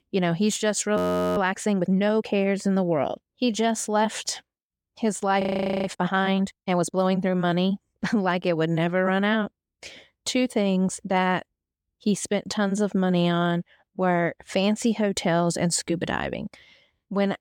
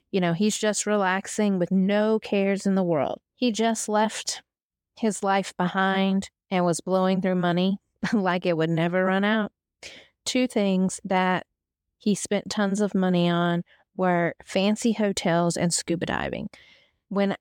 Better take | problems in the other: second | audio freezing; at 1 s and at 5.5 s

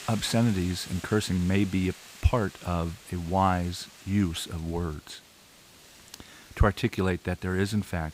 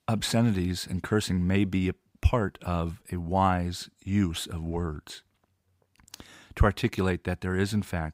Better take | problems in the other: second | hiss; noticeable; throughout; 20 dB below the speech

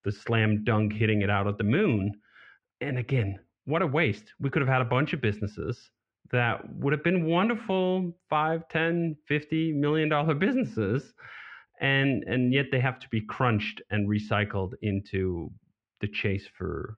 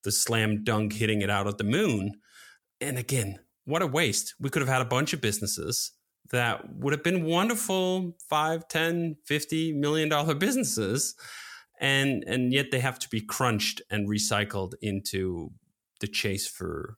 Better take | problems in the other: second | muffled; very; fading above 2.5 kHz

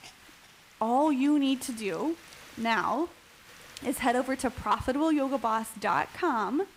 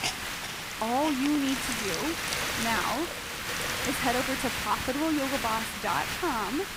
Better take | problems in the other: first | hiss; loud; throughout; as loud as the speech; faint in the first

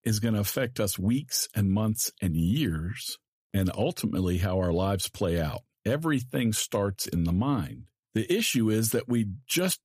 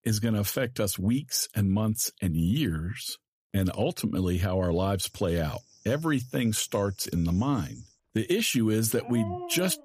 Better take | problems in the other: first | animal sounds; noticeable; from 5 s on; 15 dB below the speech

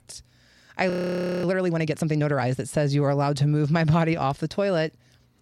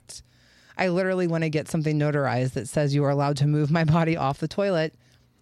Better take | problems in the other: second | audio freezing; at 1 s for 0.5 s

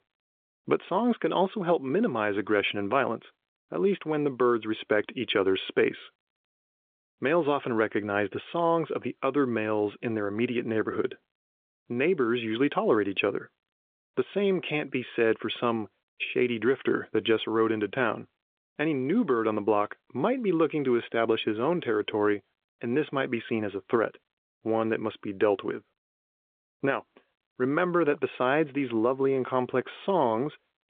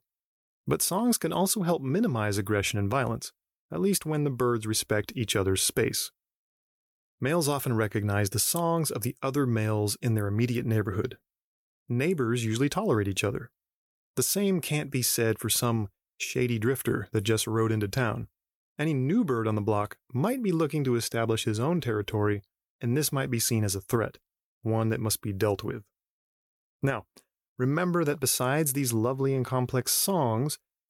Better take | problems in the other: second | phone-call audio; nothing above 3.5 kHz

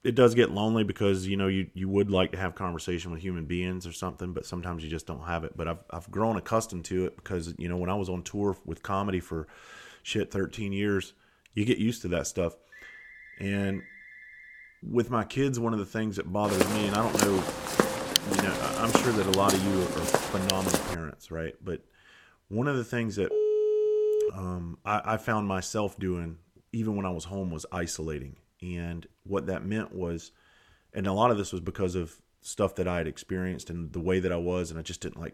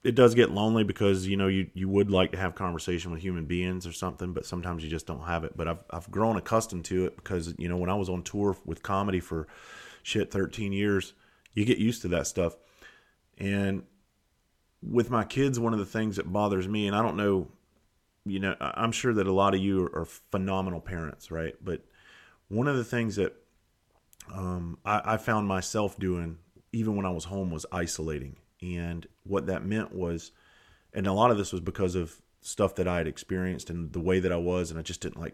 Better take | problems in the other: second | phone ringing; faint; from 13 to 15 s; peak 15 dB below the speech // footsteps; loud; from 16 to 21 s; peak 6 dB above the speech // phone ringing; loud; from 23 to 24 s; peak 5 dB above the speech

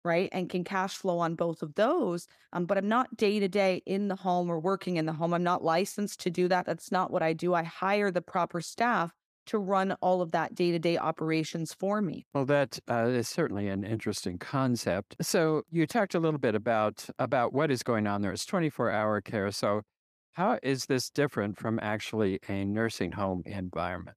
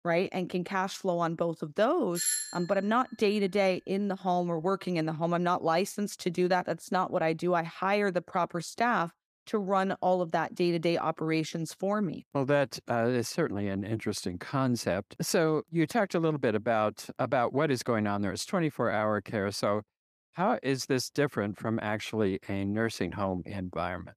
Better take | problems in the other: first | doorbell; loud; at 2 s; peak 1 dB above the speech

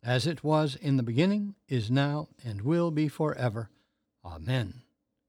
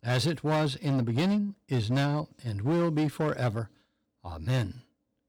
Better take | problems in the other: first | distortion; slight; 12% of the sound clipped

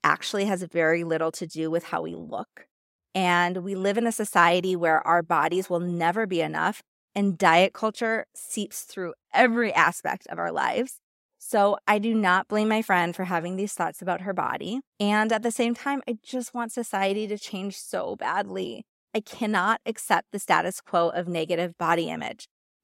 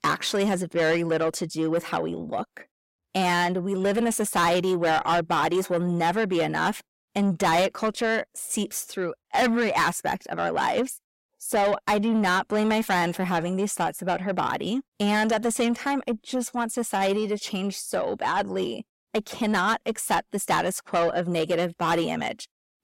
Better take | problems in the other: first | distortion; heavy; 8 dB below the speech

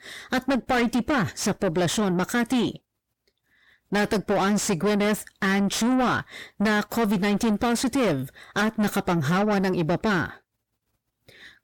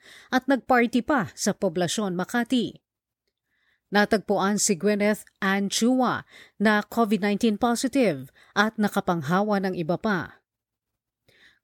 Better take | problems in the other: second | distortion; heavy; 6 dB below the speech

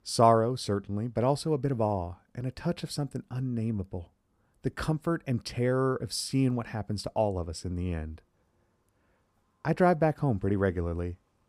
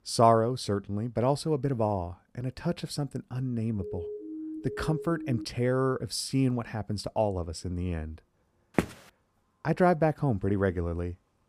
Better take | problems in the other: first | siren; noticeable; from 4 to 5.5 s; peak 9 dB below the speech // footsteps; noticeable; at 9 s; peak 2 dB below the speech

